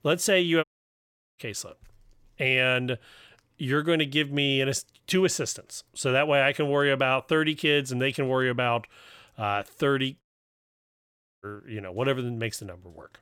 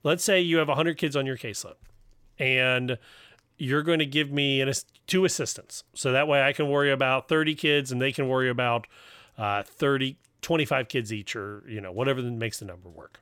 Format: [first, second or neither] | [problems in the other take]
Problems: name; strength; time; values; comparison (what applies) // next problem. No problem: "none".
second | audio cutting out; at 0.5 s for 0.5 s and at 10 s for 1 s